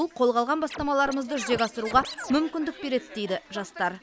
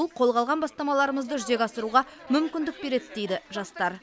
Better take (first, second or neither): second